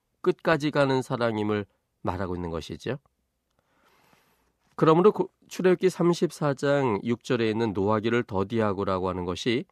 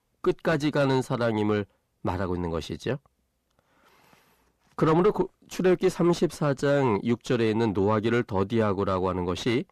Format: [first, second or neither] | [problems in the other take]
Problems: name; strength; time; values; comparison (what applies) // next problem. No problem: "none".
first | distortion; slight; 10 dB below the speech